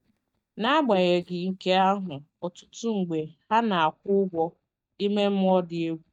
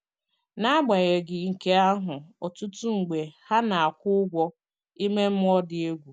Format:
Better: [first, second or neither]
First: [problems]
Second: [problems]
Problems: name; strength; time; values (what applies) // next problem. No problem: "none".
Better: second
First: noise reduction (neural mask model DeepFilterNet 3)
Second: none